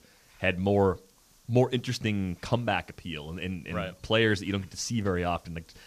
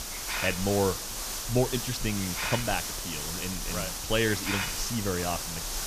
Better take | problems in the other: first | hiss; loud; throughout; 1 dB below the speech; faint in the first

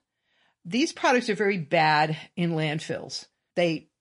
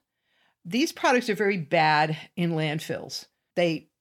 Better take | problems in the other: second | garbled, watery; slightly; nothing above 10.5 kHz

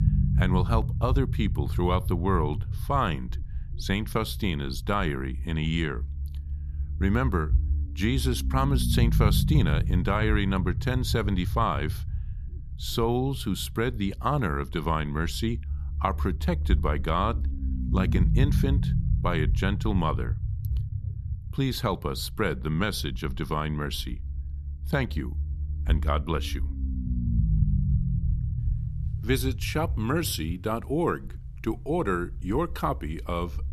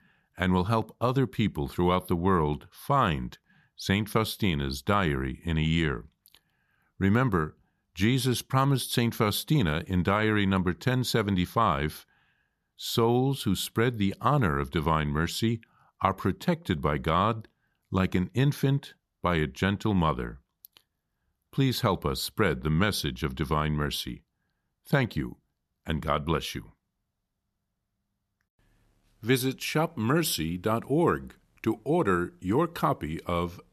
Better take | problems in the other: second | low rumble; noticeable; throughout; 15 dB below the speech

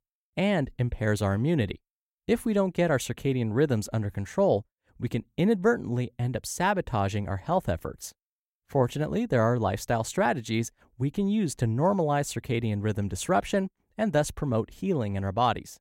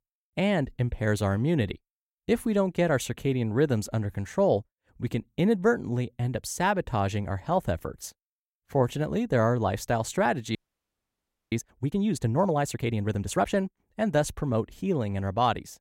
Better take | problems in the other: first | audio freezing; at 11 s for 1 s

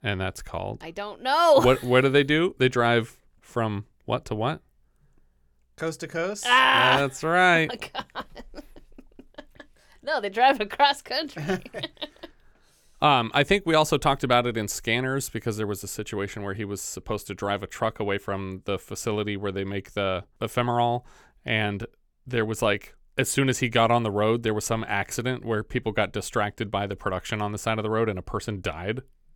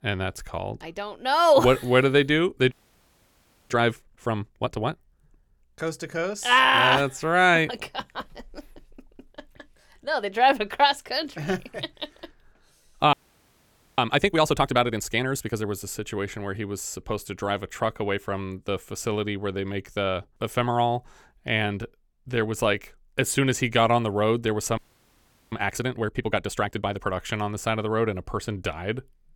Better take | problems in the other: first | audio freezing; at 2.5 s for 1 s, at 13 s for 1 s and at 25 s for 0.5 s

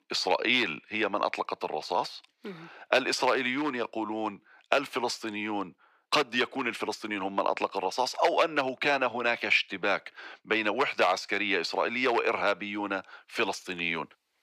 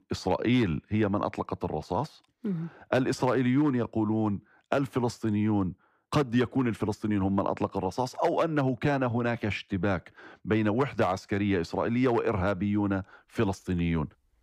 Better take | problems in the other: second | thin; somewhat; fading below 500 Hz

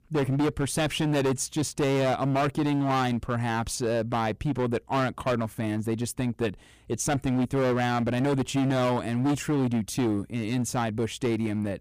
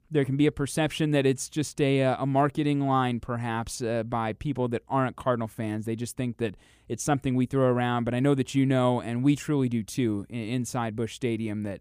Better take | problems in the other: second | distortion; heavy; 17% of the sound clipped

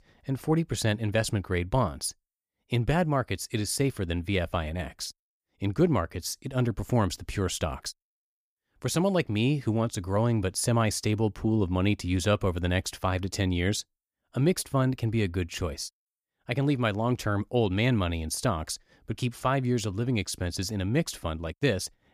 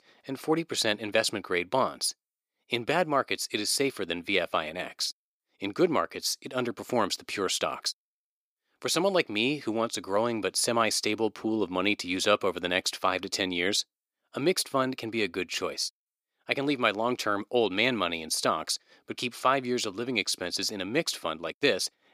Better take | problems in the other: first | thin; somewhat; fading below 350 Hz

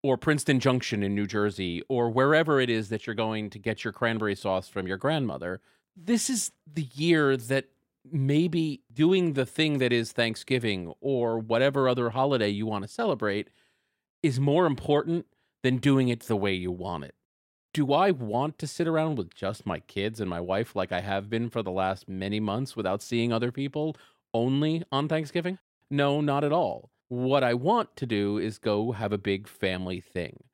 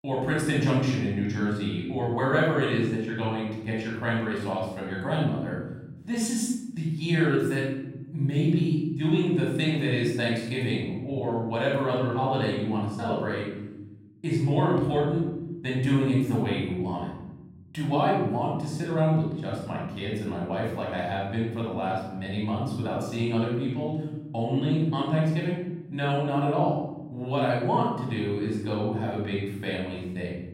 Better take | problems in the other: first | off-mic speech; far // room echo; noticeable; dies away in 1.5 s

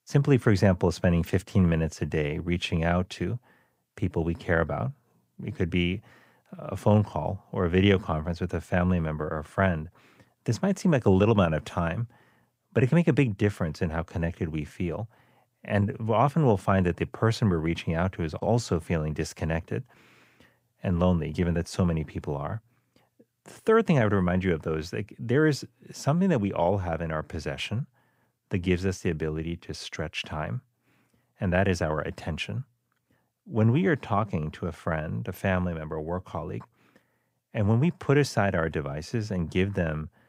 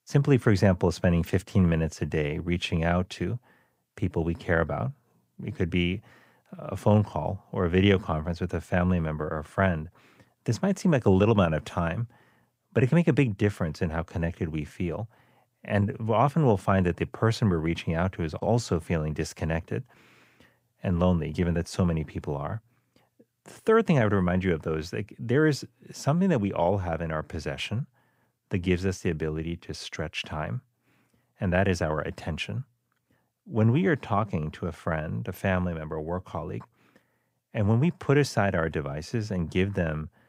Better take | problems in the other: neither | none

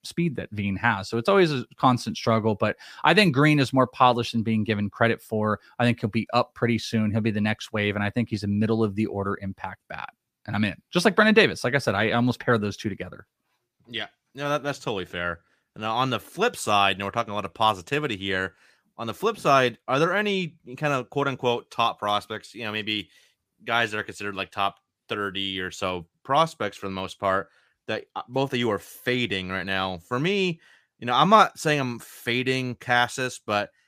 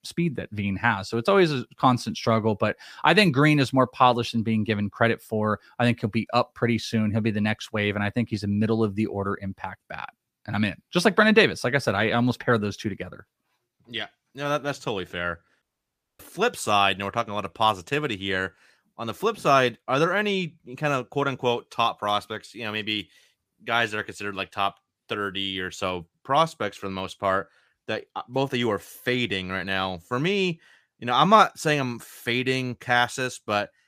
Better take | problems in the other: first | audio cutting out; at 16 s for 0.5 s

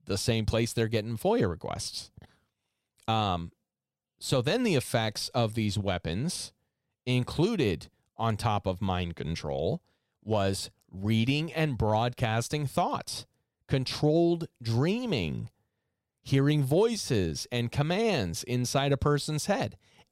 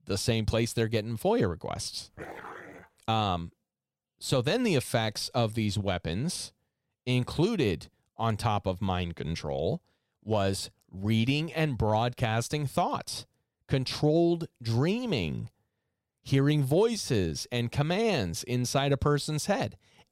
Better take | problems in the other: first | dog barking; faint; at 2 s; peak 15 dB below the speech

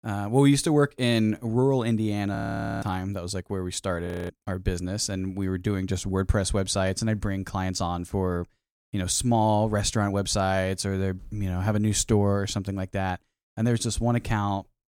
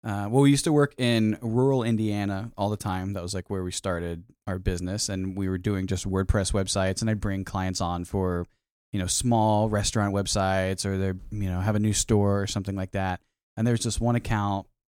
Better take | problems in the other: second | audio freezing; at 2.5 s and at 4 s

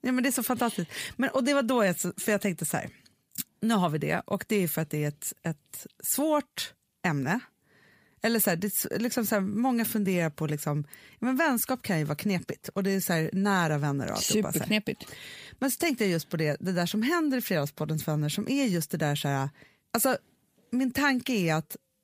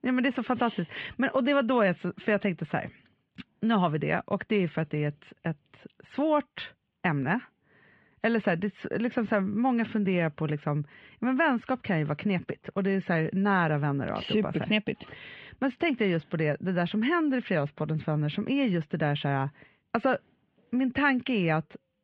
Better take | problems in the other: first | muffled; very; fading above 3 kHz

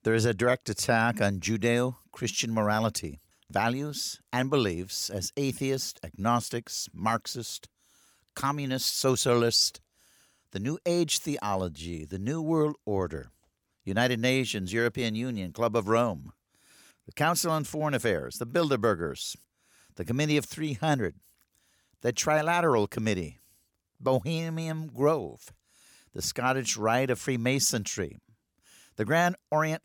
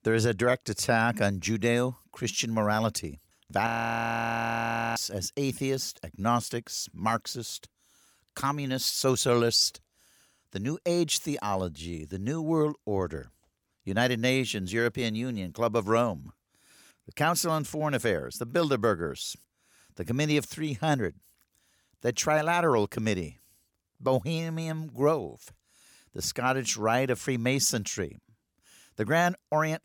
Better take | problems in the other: first | audio freezing; at 3.5 s for 1.5 s

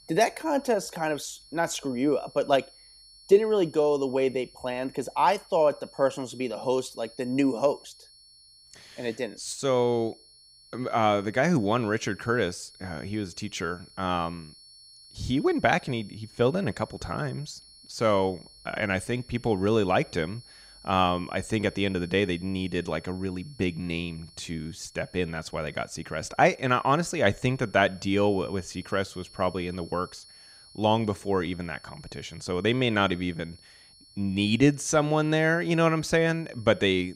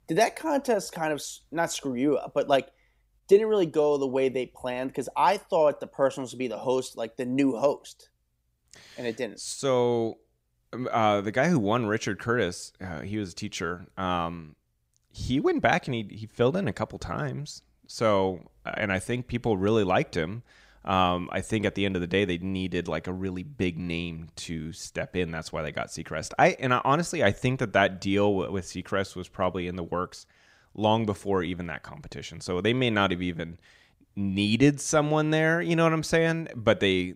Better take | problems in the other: second | high-pitched whine; faint; throughout; 4.5 kHz, 25 dB below the speech

